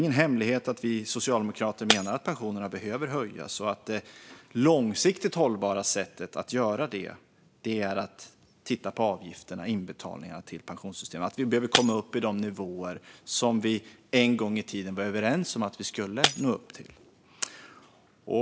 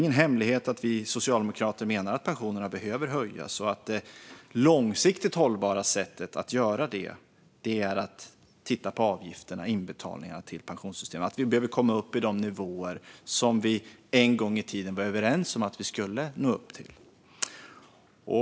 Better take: second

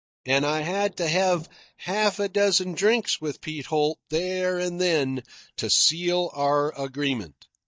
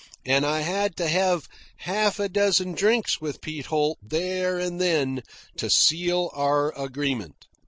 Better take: second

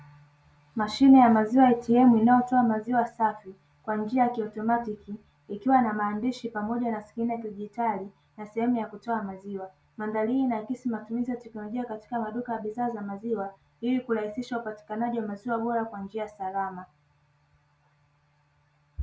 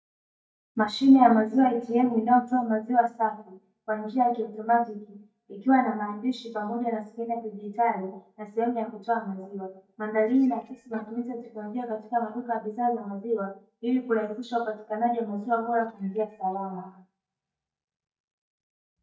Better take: first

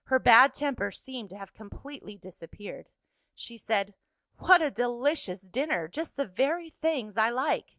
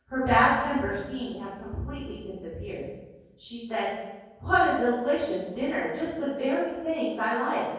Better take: first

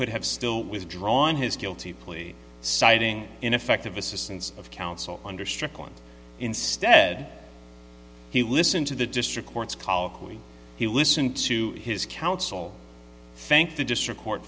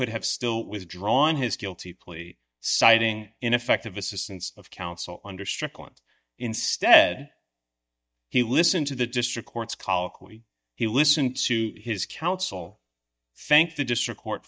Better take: first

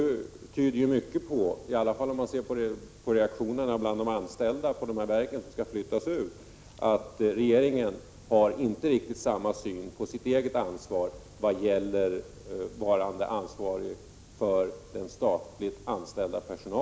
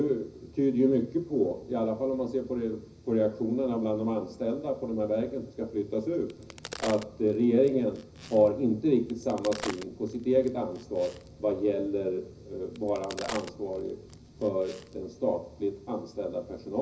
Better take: first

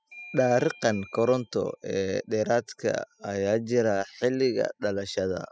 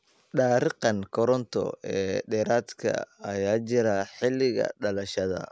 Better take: second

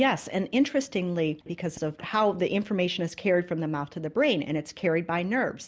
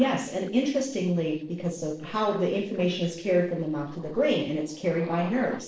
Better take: first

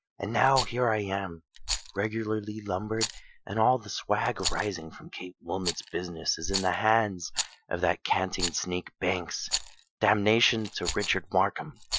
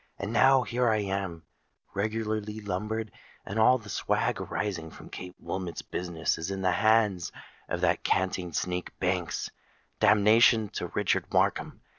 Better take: second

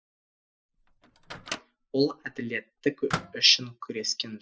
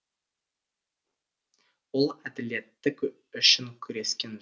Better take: second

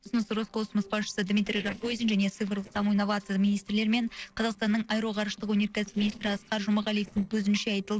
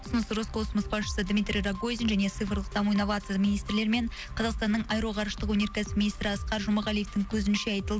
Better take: second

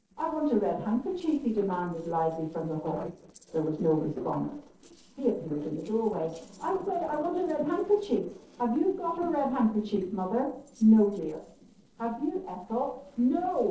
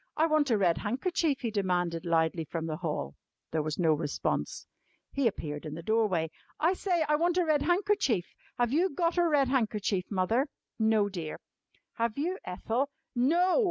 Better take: second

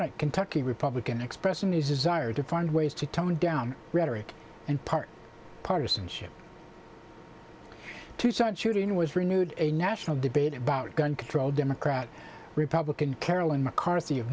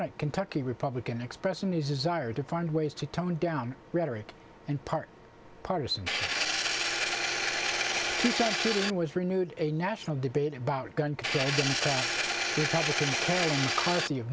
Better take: first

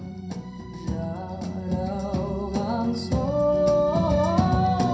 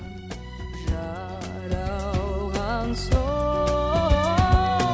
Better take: second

